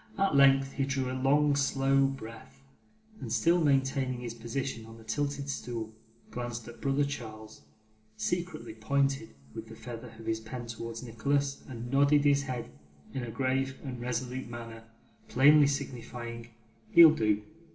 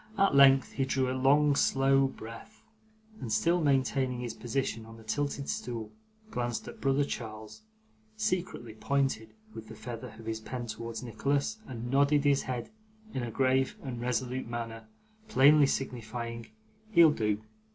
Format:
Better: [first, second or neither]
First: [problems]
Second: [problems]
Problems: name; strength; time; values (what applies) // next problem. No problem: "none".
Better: second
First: room echo; dies away in 1.3 s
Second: none